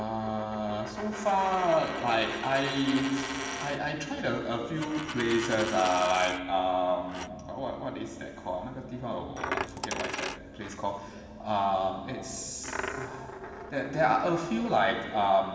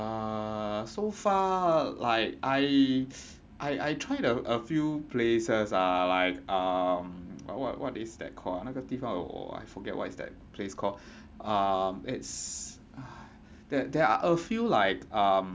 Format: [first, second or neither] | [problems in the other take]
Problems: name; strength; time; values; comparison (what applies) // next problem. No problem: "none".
second | background sound (Coin (dropping)); 10 dB below the speech // room echo; dies away in 1.7 s